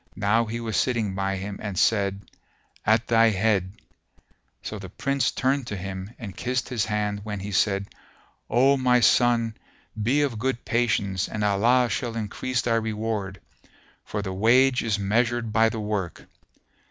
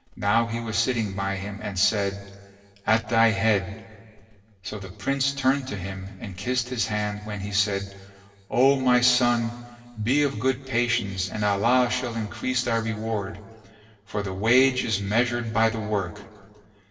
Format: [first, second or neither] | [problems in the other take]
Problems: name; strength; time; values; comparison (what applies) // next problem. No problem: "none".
first | room echo; dies away in 1.6 s